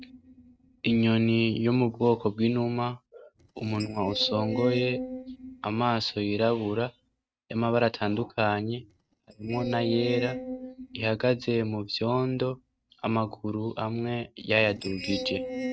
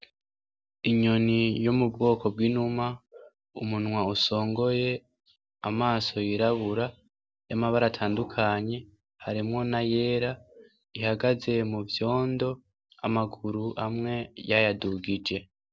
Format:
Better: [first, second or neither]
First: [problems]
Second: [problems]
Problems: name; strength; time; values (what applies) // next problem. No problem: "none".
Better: second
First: noise reduction (neural mask model RNNoise)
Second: none